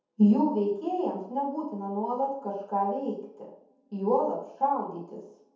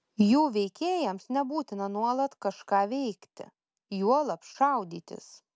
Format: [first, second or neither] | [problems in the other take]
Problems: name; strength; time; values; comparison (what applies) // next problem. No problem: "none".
second | room echo; dies away in 0.7 s